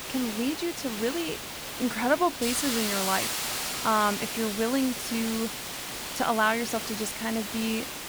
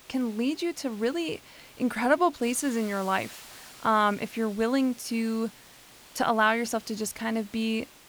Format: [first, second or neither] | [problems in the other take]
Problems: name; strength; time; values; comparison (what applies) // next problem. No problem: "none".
second | hiss; loud; throughout; 3 dB below the speech; faint in the second